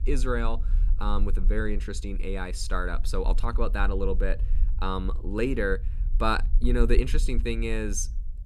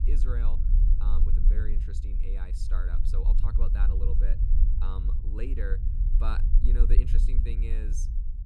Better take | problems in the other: first | low rumble; loud; throughout; 4 dB below the speech; faint in the first

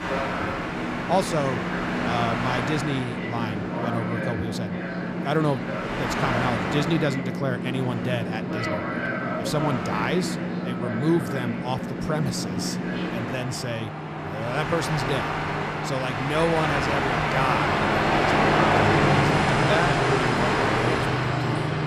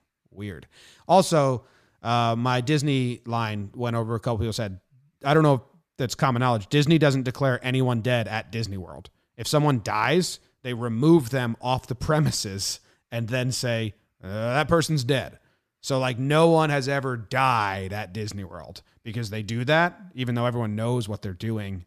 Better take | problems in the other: second | train or aircraft noise; very loud; throughout; 3 dB above the speech

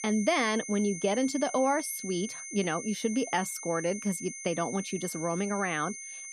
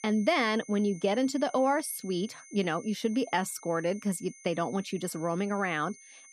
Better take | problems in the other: second | high-pitched whine; loud; throughout; 6.5 kHz, 8 dB below the speech; faint in the second

